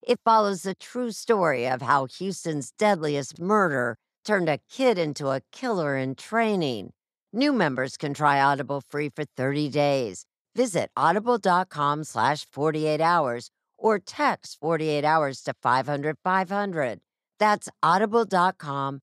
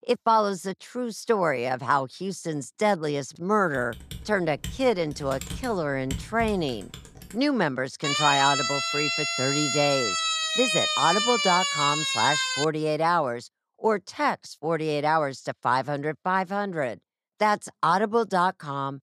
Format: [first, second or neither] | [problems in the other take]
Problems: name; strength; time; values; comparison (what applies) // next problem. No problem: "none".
first | keyboard typing; noticeable; from 4 to 7.5 s; peak 9 dB below the speech // siren; loud; from 8 to 13 s; peak 3 dB above the speech